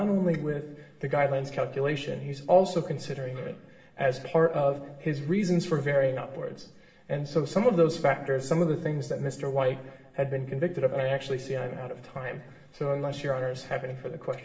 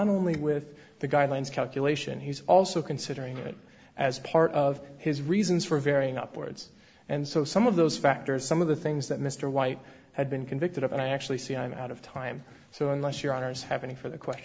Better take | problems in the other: second | room echo; dies away in 0.8 s

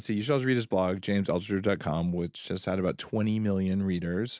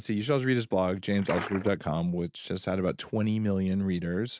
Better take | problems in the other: first | noise reduction (neural mask model RNNoise)

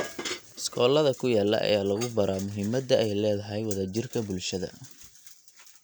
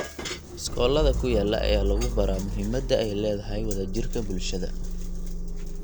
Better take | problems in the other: first | background sound (Idling / Engine starting / Motor vehicle (road)); as loud as the speech

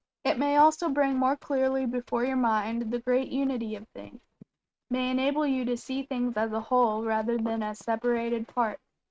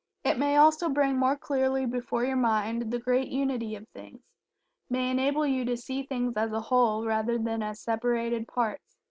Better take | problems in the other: second | noise reduction (neural mask model RNNoise)

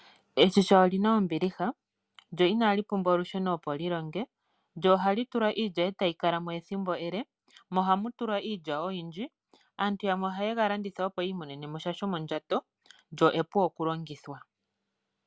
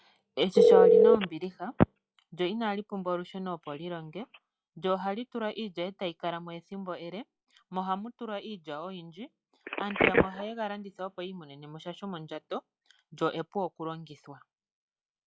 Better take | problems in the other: first | noise reduction (classical method log-MMSE)

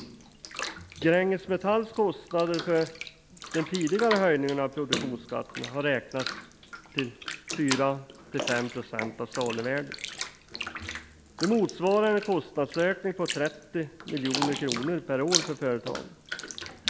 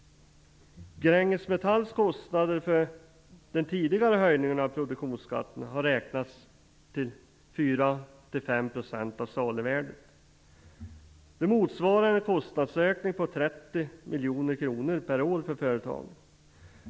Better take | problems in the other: second | background sound (Bathtub (filling or washing)); 8 dB below the speech

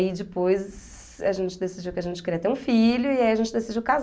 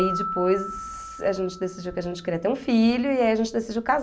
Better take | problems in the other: first | background sound (Keyboard (musical)); 11 dB below the speech

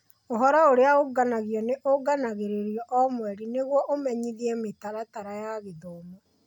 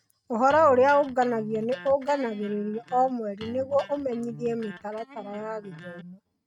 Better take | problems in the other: first | noise reduction (neural mask model RNNoise)

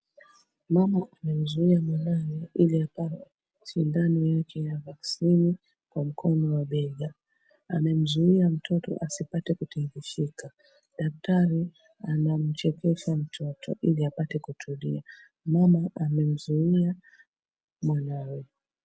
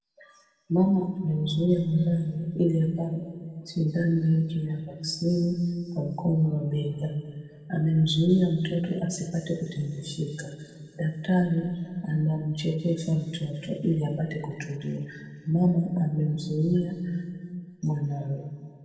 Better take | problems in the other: first | room echo; dies away in 2.1 s

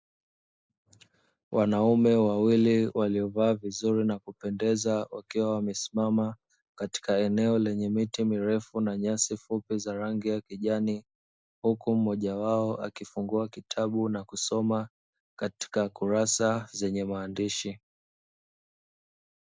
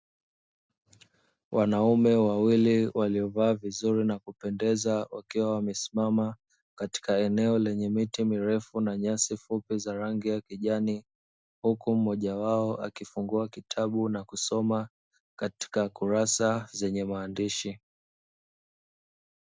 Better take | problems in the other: second | noise reduction (neural mask model Resemble Enhance denoiser)

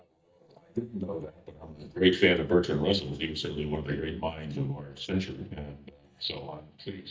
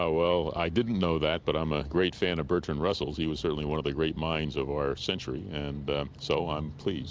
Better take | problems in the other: second | noise reduction (neural mask model DeepFilterNet 3)

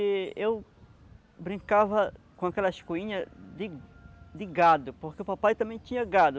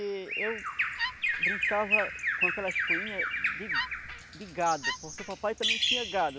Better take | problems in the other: first | background sound (Bird vocalization, bird call, bird song + Wood); 4 dB above the speech

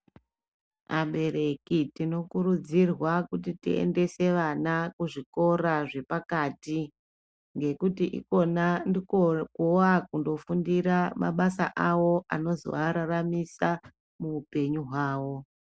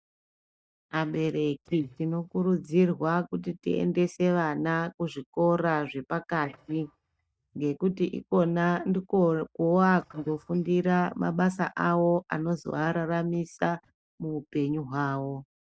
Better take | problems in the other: first | noise reduction (neural mask model DeepFilterNet 3)

